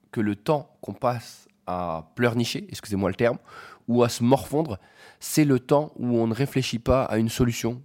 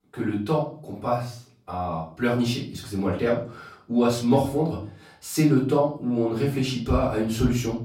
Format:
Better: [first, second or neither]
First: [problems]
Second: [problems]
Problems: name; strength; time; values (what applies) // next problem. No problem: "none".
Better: first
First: none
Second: off-mic speech; far // room echo; slight; dies away in 0.4 s